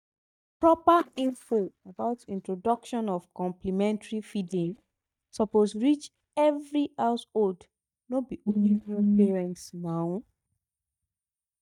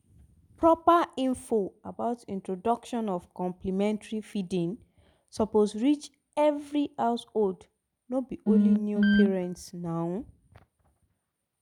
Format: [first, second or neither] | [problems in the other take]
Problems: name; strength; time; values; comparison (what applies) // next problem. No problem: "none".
second | noise reduction (neural mask model DeepFilterNet 3)